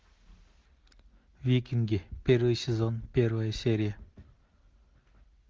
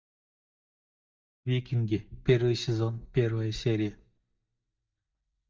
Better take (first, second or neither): first